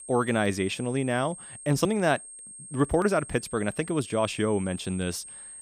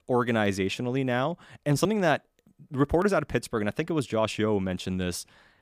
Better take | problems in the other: second | high-pitched whine; noticeable; throughout; 8.5 kHz, 15 dB below the speech

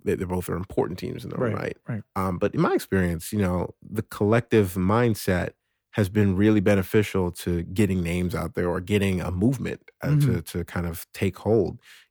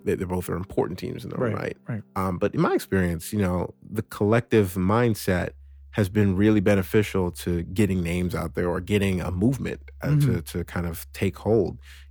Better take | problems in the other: first | background music; faint; throughout; 25 dB below the speech

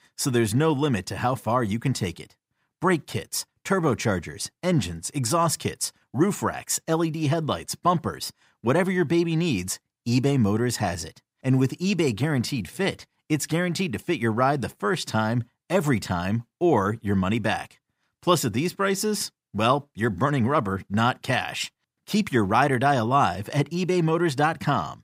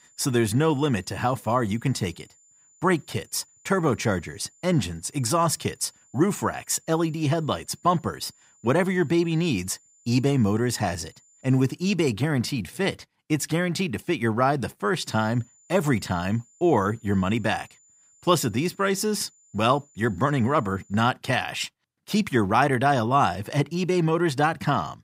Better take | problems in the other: first | high-pitched whine; faint; until 12 s and from 15 to 21 s; 7 kHz, 30 dB below the speech

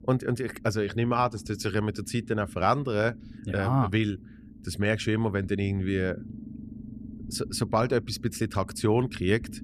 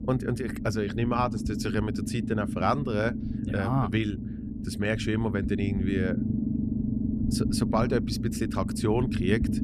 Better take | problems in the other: first | low rumble; loud; throughout; 7 dB below the speech; faint in the first

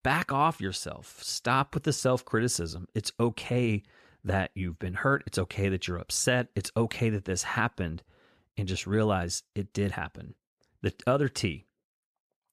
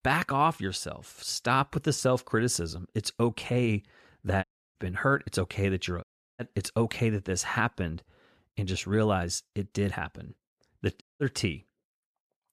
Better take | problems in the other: first | audio cutting out; at 4.5 s, at 6 s and at 11 s

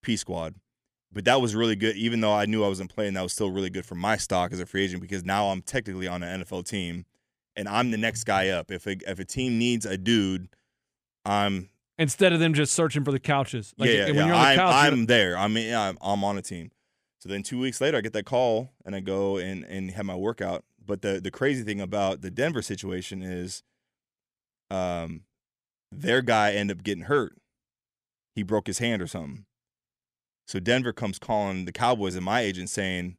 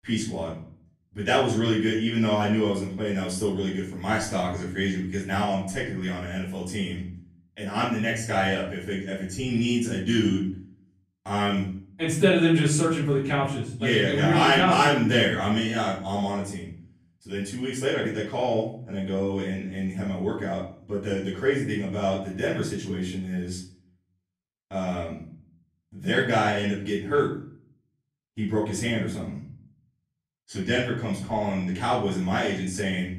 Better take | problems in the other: first | off-mic speech; far // room echo; noticeable; dies away in 0.6 s

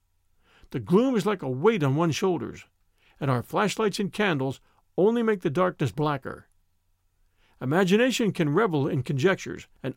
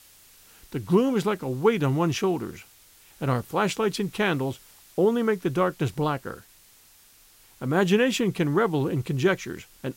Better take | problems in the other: first | hiss; faint; throughout; 25 dB below the speech

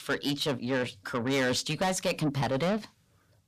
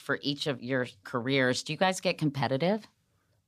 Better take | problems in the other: second | distortion; heavy; 7 dB below the speech

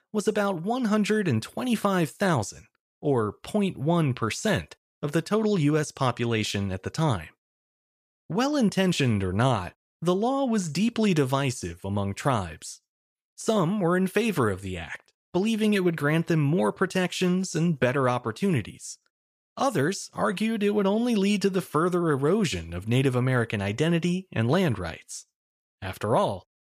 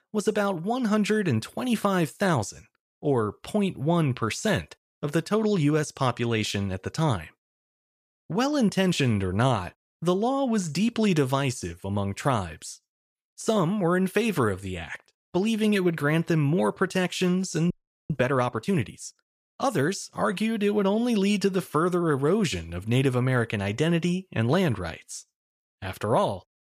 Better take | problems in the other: first | audio freezing; at 18 s

